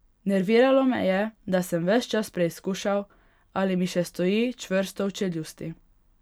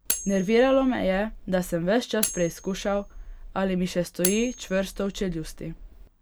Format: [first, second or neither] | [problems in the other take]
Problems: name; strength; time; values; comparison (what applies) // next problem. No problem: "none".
first | background sound (Cutlery, silverware); 10 dB below the speech